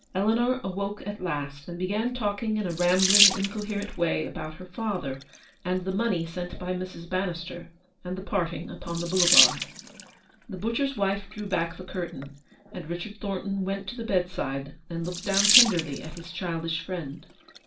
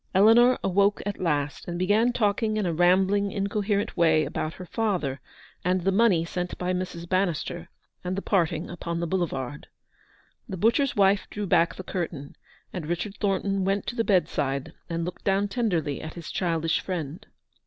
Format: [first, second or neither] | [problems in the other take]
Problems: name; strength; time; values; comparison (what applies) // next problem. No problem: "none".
second | background sound (Sink (filling or washing) / Water tap, faucet); 2 dB below the speech // room echo; dies away in 0.3 s